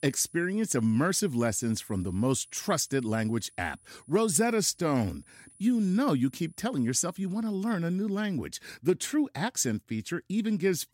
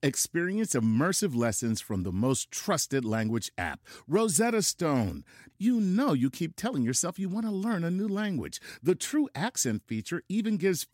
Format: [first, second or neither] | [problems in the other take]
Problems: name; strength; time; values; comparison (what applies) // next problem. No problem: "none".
second | high-pitched whine; faint; until 7.5 s; 10 kHz, 25 dB below the speech